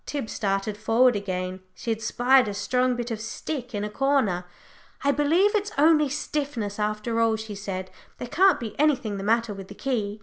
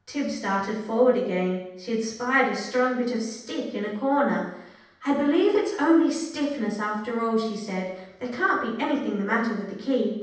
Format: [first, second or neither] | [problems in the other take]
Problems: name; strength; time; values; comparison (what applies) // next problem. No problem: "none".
first | room echo; dies away in 0.9 s